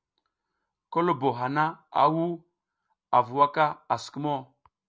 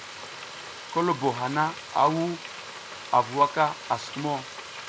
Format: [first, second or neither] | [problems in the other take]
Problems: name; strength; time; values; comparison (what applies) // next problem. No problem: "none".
first | background sound (Frying (food)); 12 dB below the speech